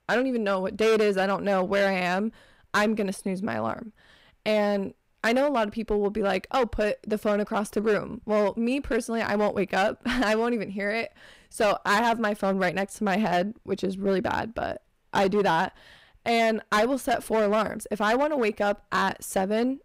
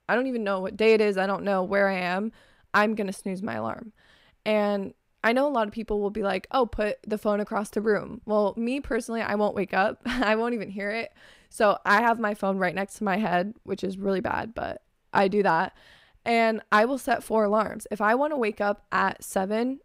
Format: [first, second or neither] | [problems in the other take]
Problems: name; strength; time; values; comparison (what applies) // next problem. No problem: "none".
second | distortion; slight; 7% of the sound clipped